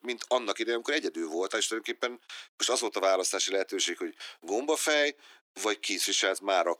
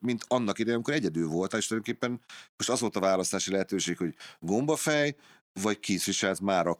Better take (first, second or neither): second